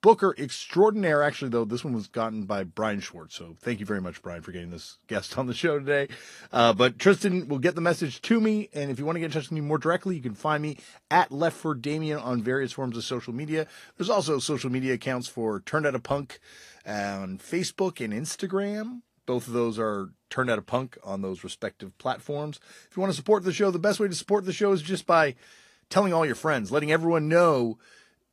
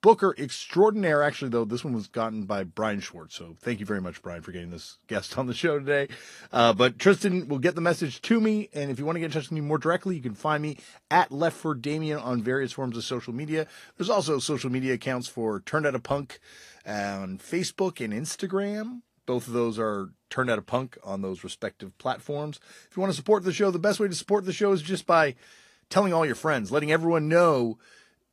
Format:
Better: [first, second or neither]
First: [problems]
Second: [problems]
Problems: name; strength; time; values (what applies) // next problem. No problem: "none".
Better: neither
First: garbled, watery; slightly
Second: garbled, watery; slightly